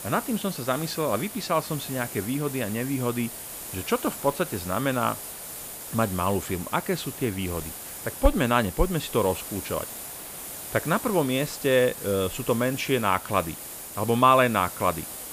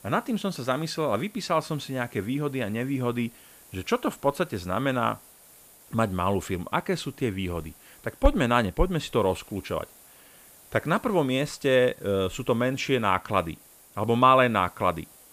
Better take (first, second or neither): second